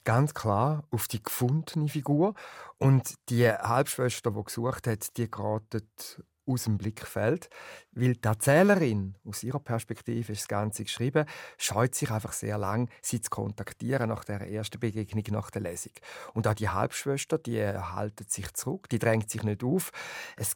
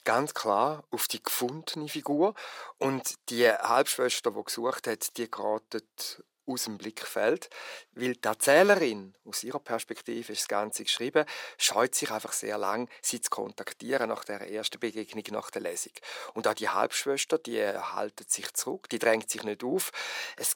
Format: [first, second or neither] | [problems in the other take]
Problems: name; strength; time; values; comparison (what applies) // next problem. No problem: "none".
first | thin; somewhat; fading below 300 Hz